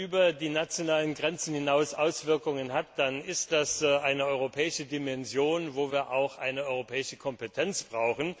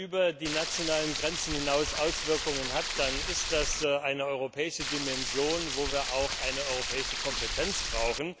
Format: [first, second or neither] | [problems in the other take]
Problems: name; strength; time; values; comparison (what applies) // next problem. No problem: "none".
first | background sound (Stream); 1 dB below the speech